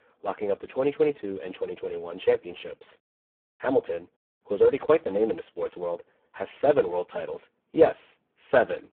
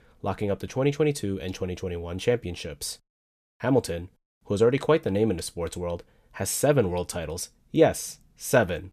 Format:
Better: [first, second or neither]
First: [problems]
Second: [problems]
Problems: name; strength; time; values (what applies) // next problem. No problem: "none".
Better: second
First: phone-call audio; poor line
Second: none